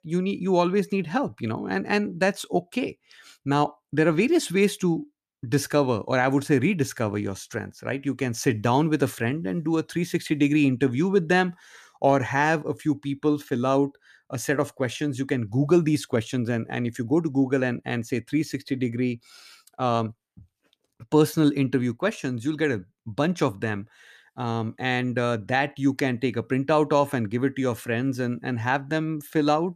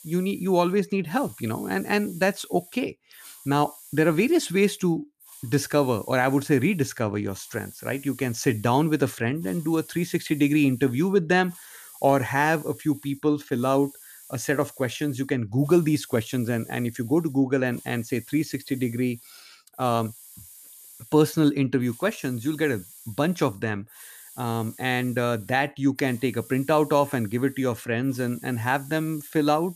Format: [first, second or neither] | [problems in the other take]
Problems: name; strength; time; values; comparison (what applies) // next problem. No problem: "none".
first | hiss; faint; throughout; 20 dB below the speech